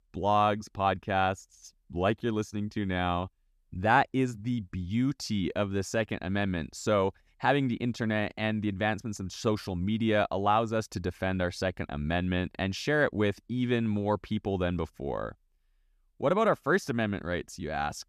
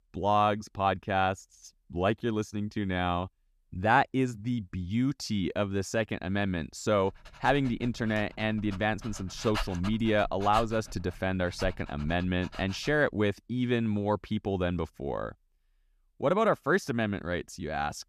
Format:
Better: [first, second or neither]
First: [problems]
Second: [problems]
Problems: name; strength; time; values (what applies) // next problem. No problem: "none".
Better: first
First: none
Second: dog barking; noticeable; from 7.5 to 13 s; peak 7 dB below the speech